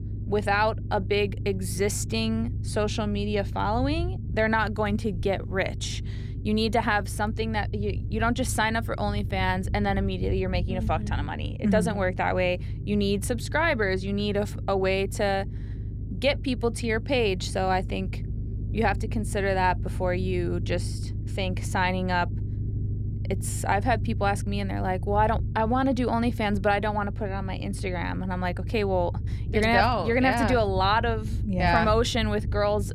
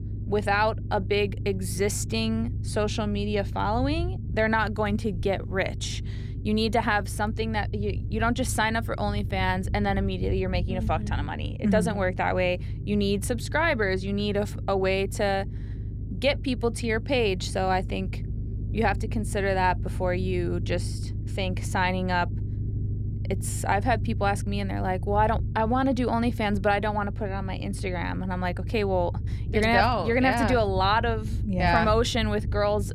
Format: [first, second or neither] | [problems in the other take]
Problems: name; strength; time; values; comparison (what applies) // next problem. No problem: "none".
neither | low rumble; noticeable; throughout; 20 dB below the speech; the same in both